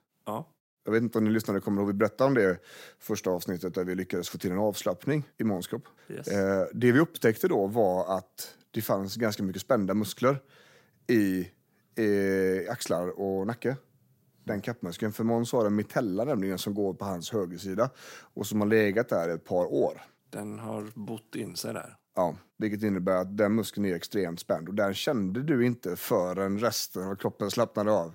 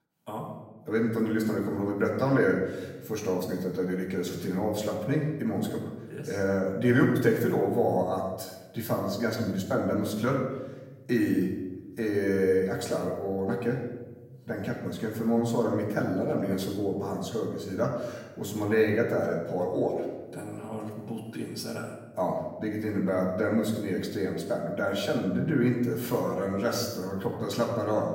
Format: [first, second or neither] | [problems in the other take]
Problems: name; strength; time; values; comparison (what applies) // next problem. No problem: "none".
first | off-mic speech; far // room echo; noticeable; dies away in 1 s